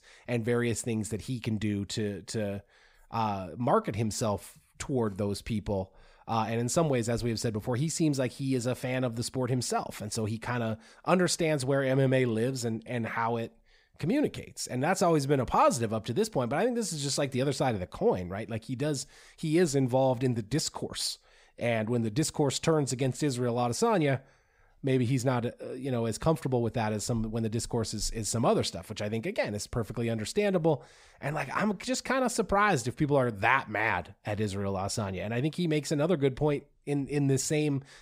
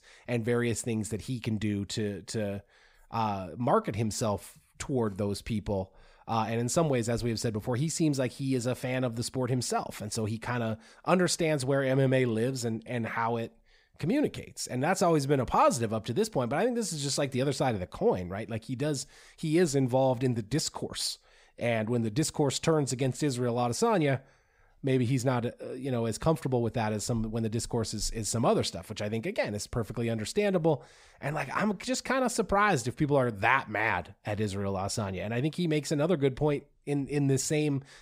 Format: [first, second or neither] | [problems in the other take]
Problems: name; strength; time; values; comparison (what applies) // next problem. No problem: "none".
neither | none